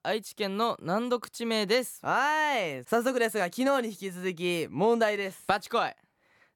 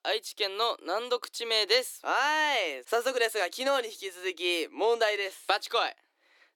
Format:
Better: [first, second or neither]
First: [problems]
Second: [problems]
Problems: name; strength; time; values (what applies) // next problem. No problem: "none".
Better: first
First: none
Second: thin; very; fading below 300 Hz